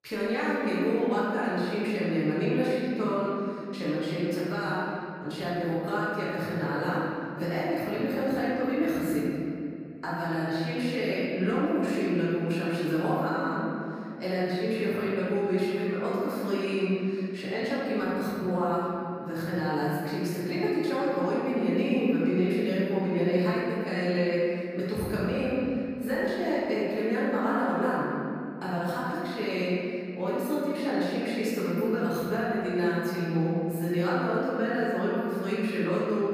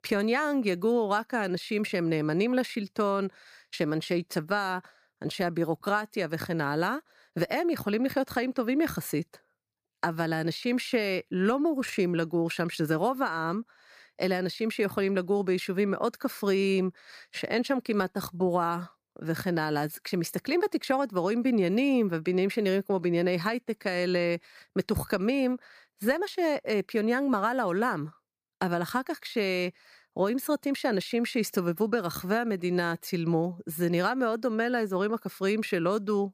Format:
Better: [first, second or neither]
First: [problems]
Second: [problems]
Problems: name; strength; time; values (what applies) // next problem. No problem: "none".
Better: second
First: room echo; strong; dies away in 2.7 s // off-mic speech; far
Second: none